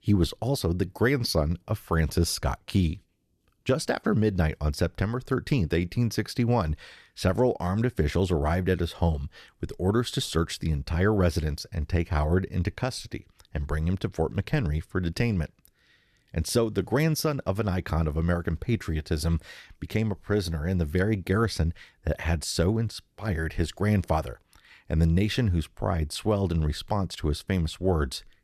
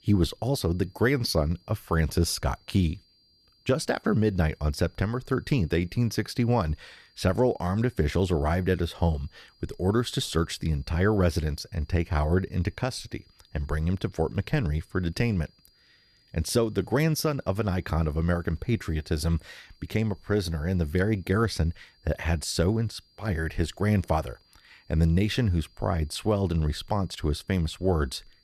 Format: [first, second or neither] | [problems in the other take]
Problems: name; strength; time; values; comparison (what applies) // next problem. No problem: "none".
first | high-pitched whine; faint; throughout; 4.5 kHz, 35 dB below the speech